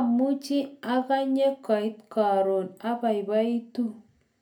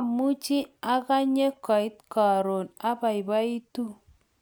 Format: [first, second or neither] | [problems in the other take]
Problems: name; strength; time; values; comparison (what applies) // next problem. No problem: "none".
second | room echo; dies away in 0.3 s